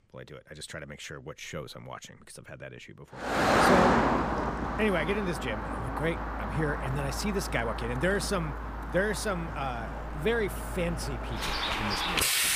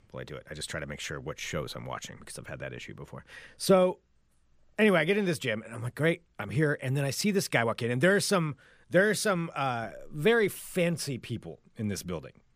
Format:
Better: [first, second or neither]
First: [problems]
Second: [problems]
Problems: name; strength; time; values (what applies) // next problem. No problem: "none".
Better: second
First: traffic noise; very loud; from 3.5 s on; 2 dB above the speech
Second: none